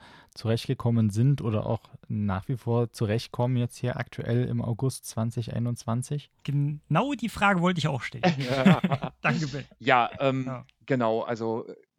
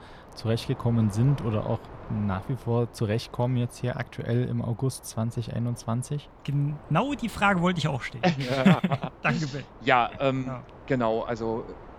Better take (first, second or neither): first